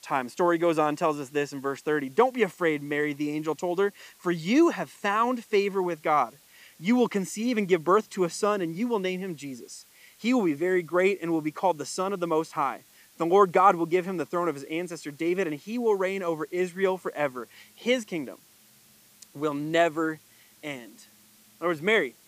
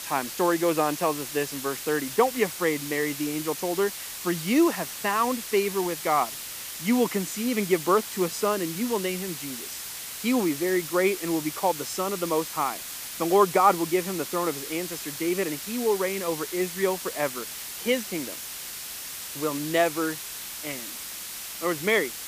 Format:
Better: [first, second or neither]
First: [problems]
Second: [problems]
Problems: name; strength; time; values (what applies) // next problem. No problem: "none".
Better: first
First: hiss; faint; throughout; 30 dB below the speech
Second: hiss; loud; throughout; 7 dB below the speech